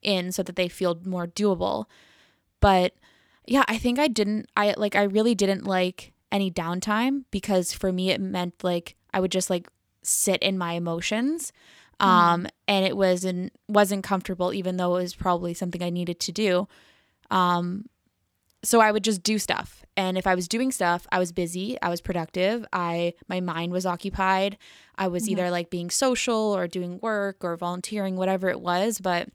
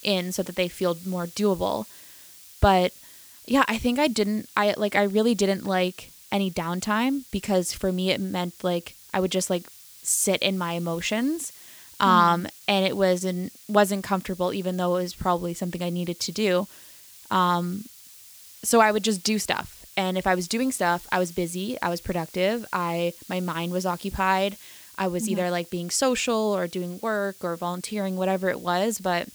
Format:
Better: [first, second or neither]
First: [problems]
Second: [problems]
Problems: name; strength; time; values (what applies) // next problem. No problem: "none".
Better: first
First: none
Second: hiss; noticeable; throughout; 20 dB below the speech